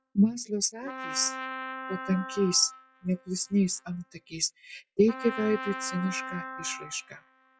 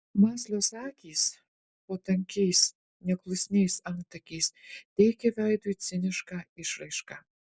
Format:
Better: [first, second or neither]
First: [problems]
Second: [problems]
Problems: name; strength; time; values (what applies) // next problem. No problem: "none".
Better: second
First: noise reduction (classical method log-MMSE)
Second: none